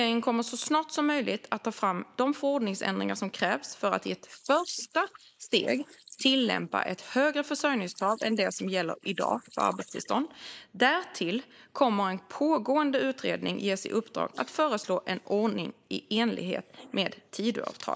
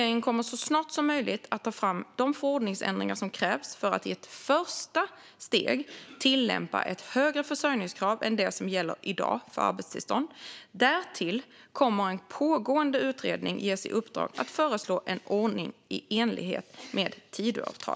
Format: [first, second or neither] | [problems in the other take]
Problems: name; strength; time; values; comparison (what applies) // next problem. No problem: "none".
second | noise reduction (neural mask model Resemble Enhance denoiser)